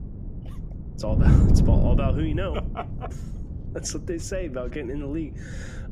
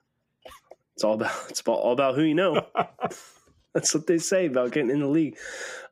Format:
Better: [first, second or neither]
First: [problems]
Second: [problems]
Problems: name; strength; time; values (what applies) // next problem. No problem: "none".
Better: second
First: wind noise on the microphone; heavy; 1 dB below the speech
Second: none